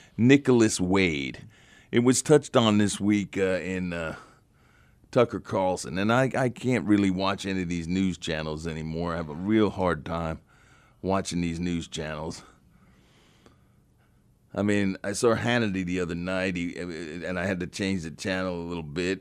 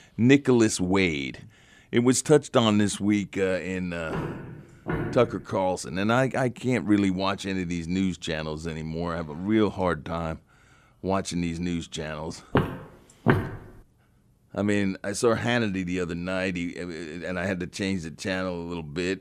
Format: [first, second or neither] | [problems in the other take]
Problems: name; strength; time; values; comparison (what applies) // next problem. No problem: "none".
first | footsteps; noticeable; from 4 to 5.5 s; peak 5 dB below the speech // footsteps; loud; from 13 to 14 s; peak 1 dB above the speech